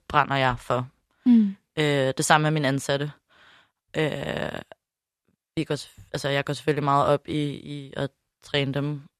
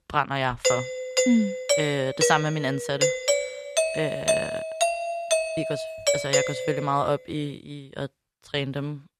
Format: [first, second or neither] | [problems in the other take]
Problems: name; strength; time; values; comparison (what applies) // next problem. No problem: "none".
first | doorbell; loud; from 0.5 to 7 s; peak 6 dB above the speech